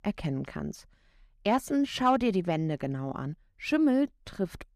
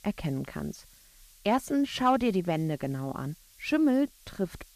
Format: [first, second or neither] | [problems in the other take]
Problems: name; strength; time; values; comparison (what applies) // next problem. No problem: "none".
first | hiss; faint; throughout; 25 dB below the speech